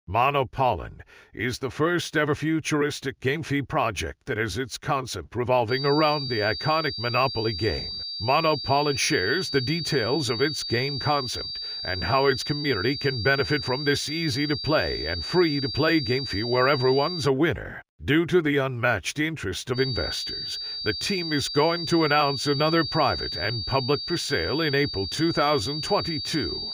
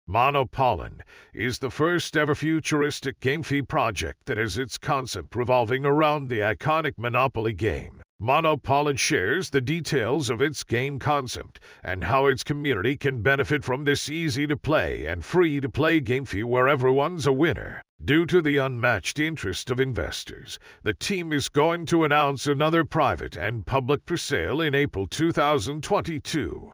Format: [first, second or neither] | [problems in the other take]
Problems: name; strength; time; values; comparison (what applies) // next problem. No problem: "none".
second | high-pitched whine; loud; from 5.5 to 17 s and from 20 s on; 4.5 kHz, 5 dB below the speech